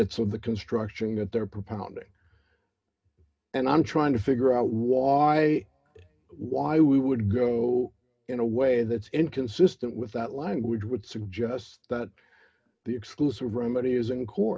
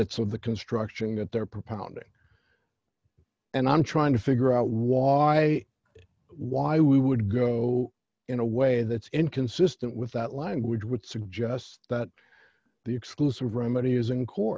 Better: second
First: room echo; dies away in 0.3 s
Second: none

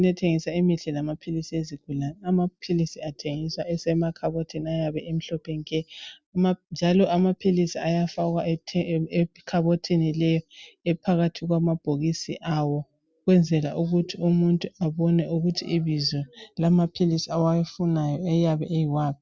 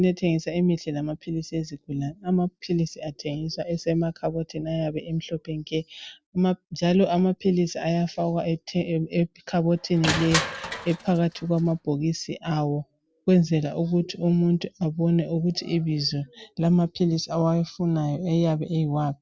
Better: first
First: none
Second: background sound (Crushing); 9 dB below the speech

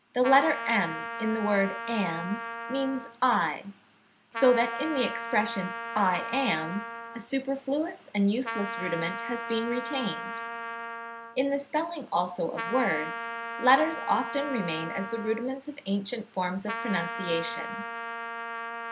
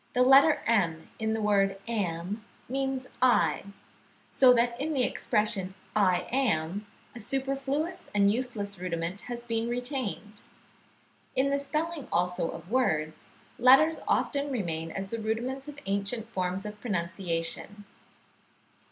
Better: second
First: background sound (Trumpet); 8 dB below the speech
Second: none

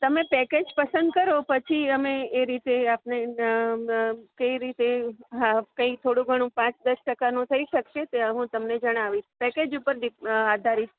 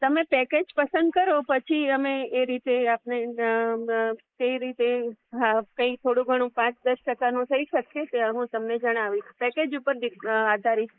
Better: first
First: none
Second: noise reduction (neural mask model Resemble Enhance denoiser)

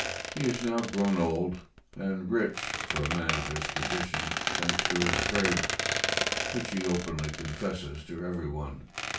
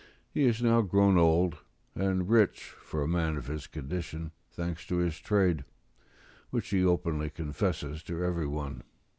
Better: second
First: background sound (Squeak); 1 dB below the speech // room echo; dies away in 0.3 s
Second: none

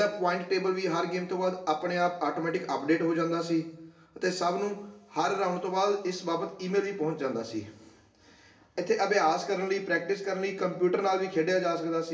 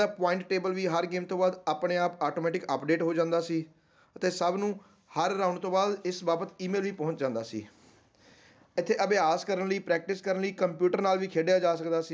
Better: second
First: room echo; dies away in 0.6 s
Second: none

